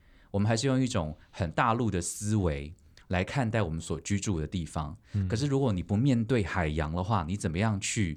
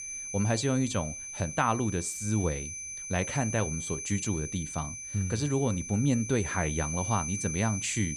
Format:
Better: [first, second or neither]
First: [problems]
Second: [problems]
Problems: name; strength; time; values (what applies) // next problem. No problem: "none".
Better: first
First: none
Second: high-pitched whine; loud; throughout; 6 kHz, 5 dB below the speech